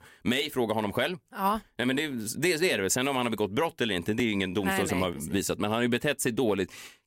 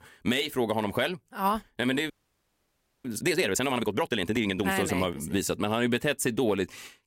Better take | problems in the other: first | audio freezing; at 2 s for 1 s

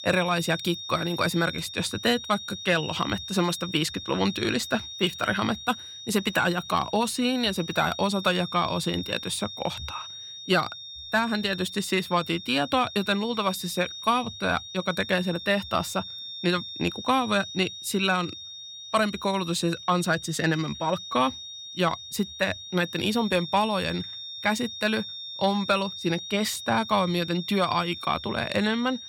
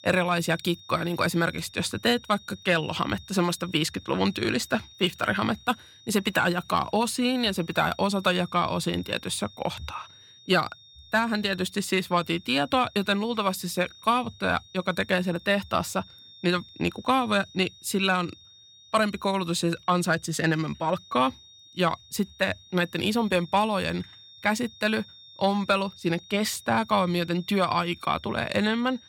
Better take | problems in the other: second | high-pitched whine; loud; throughout; 3.5 kHz, 10 dB below the speech; faint in the second

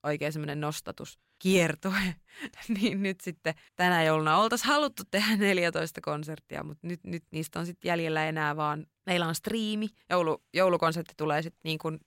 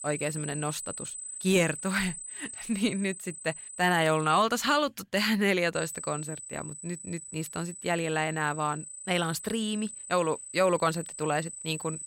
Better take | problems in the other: first | high-pitched whine; loud; until 4.5 s and from 6 s on; 8 kHz, 10 dB below the speech

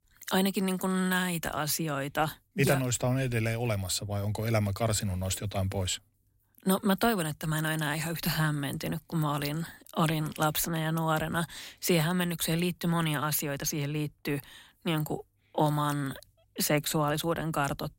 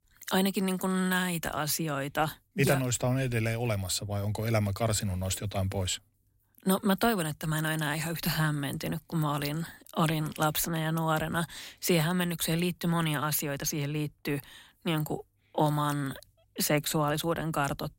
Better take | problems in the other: neither | none

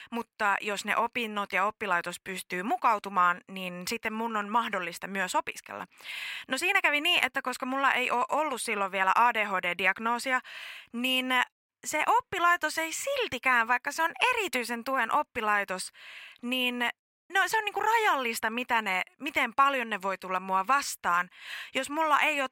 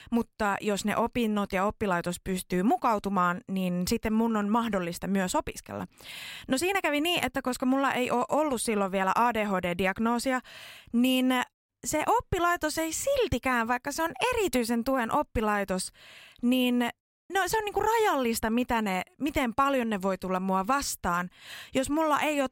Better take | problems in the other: second | thin; somewhat; fading below 900 Hz

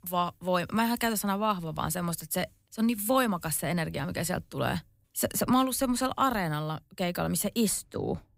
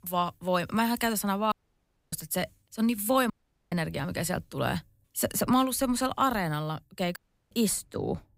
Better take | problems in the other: first | audio cutting out; at 1.5 s for 0.5 s, at 3.5 s and at 7 s

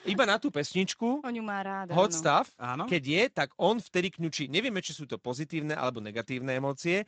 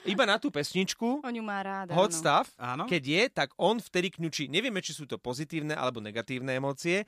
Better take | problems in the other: second | garbled, watery; slightly; nothing above 7.5 kHz

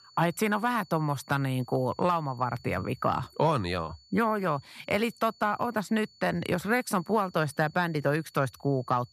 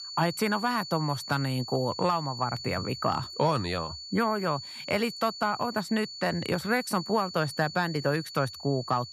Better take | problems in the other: first | high-pitched whine; loud; throughout; 4.5 kHz, 10 dB below the speech; faint in the first

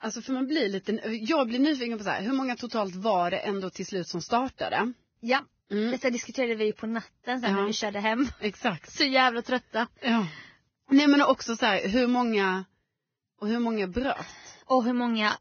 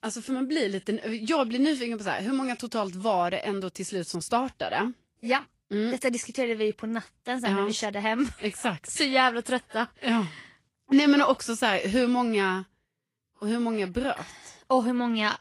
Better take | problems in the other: second | garbled, watery; badly; nothing above 6.5 kHz; slightly in the second

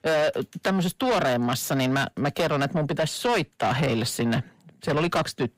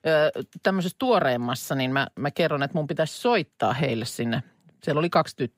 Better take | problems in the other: second | distortion; heavy; 7 dB below the speech

